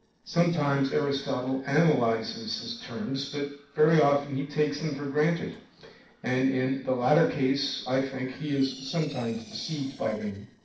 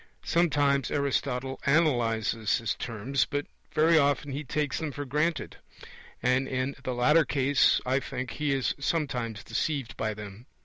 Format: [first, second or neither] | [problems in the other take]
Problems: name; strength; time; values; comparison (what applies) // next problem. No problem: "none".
second | noise reduction (neural separator model SepFormer DNS4)